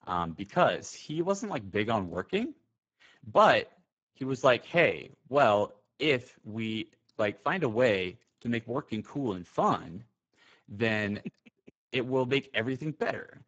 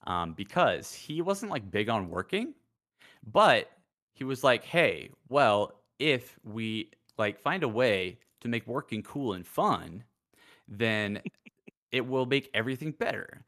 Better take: second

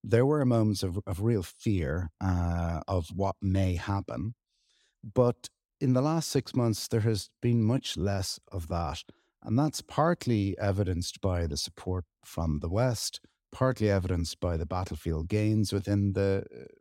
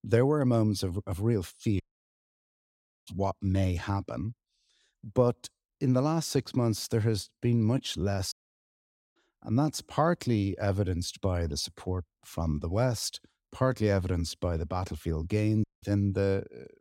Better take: first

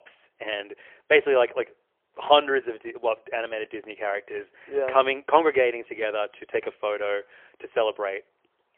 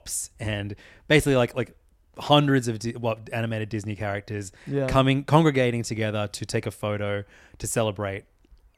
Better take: second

